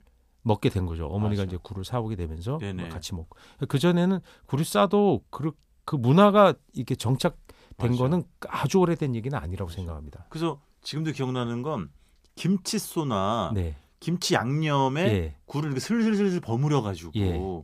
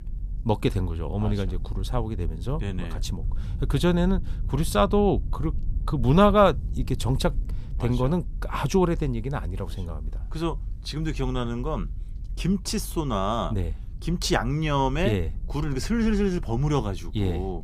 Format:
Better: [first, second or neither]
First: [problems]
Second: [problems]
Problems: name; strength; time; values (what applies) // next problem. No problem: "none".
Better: first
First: none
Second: low rumble; faint; throughout; 25 dB below the speech